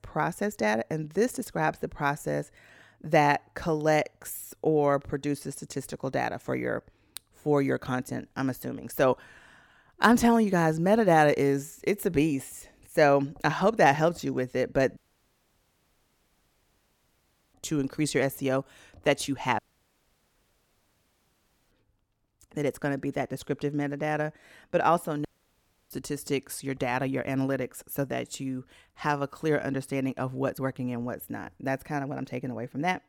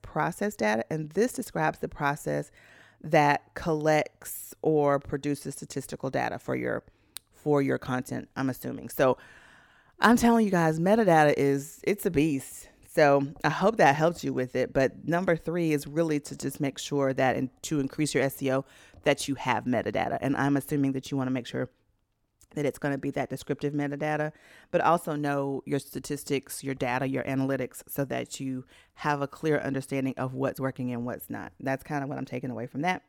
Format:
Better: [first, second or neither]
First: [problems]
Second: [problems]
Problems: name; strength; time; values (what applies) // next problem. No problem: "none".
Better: second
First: audio cutting out; at 15 s for 2.5 s, at 20 s for 2 s and at 25 s for 0.5 s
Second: none